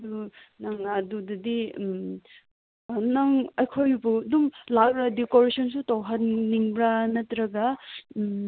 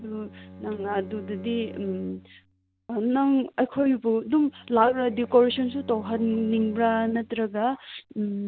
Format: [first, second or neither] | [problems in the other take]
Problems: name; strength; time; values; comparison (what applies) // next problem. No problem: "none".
first | background sound (Bowed string instrument); 19 dB below the speech